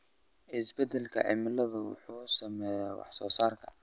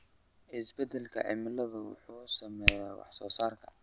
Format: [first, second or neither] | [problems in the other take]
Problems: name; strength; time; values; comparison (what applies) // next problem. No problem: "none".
first | background sound (Hands); 1 dB below the speech